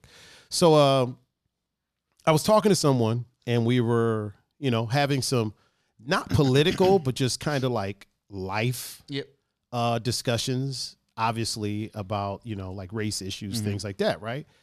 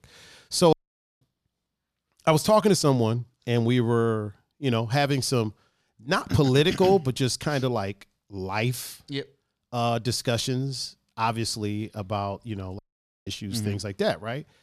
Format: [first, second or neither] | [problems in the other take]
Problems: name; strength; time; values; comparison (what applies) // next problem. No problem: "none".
first | audio cutting out; at 0.5 s and at 13 s